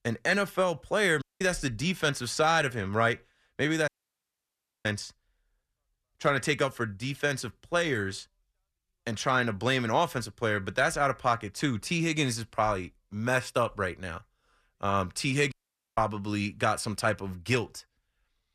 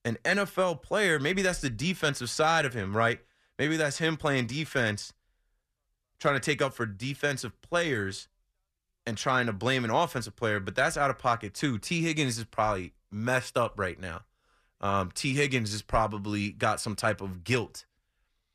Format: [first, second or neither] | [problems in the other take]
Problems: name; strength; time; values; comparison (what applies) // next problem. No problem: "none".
second | audio cutting out; at 1 s, at 4 s for 1 s and at 16 s